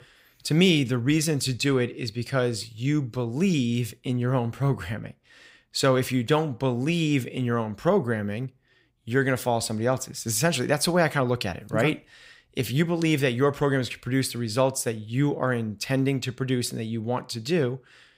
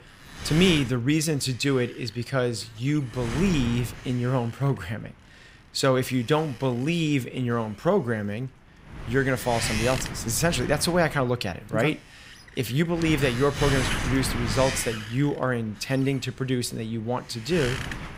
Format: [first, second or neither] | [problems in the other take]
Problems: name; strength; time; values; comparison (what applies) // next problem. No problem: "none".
first | wind noise on the microphone; heavy; 6 dB below the speech